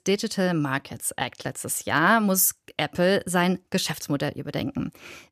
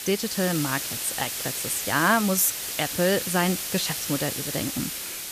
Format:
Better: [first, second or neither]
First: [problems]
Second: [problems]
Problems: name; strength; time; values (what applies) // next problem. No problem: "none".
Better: first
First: none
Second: hiss; loud; throughout; 3 dB below the speech